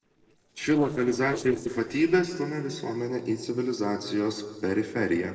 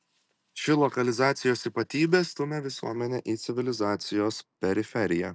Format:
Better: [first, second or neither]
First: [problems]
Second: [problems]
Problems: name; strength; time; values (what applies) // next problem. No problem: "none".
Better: second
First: noise reduction (neural separator model SepFormer DNS4)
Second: none